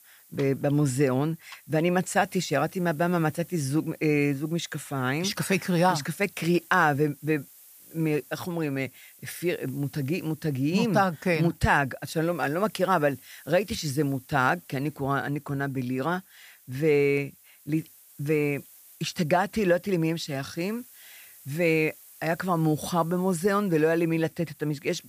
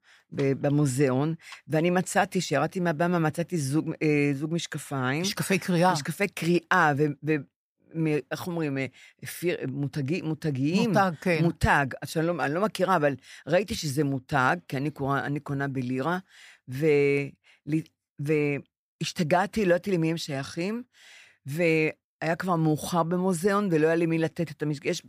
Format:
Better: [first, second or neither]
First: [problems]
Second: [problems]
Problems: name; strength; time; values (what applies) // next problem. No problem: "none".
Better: second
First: hiss; faint; throughout; 25 dB below the speech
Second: none